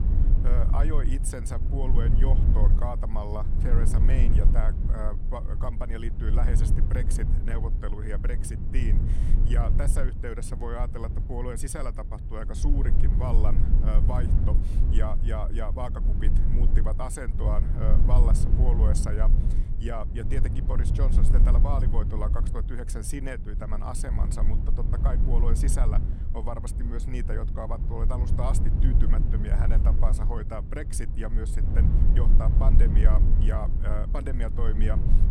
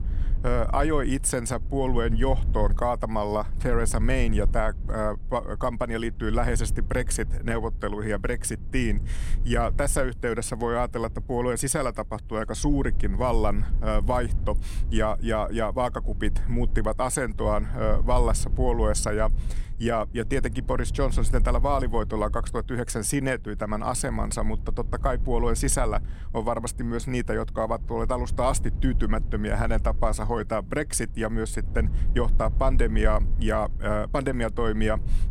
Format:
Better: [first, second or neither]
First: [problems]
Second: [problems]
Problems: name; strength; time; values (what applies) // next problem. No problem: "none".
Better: second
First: low rumble; loud; throughout; 5 dB below the speech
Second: low rumble; faint; throughout; 20 dB below the speech